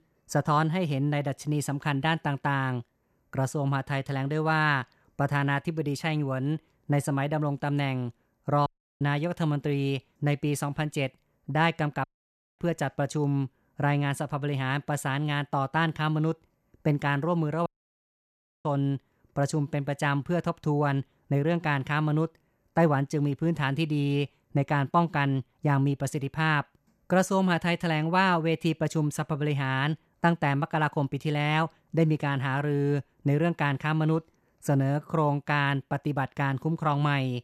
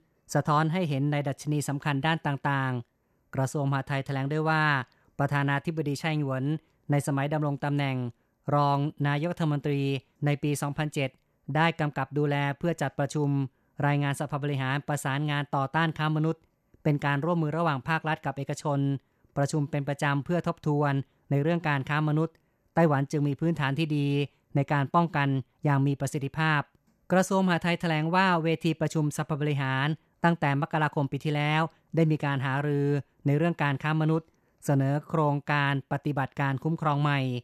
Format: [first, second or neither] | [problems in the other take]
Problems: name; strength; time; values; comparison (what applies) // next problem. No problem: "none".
second | audio cutting out; at 8.5 s, at 12 s for 0.5 s and at 18 s for 1 s